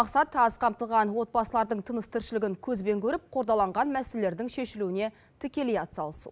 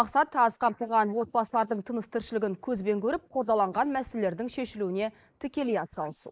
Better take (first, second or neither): first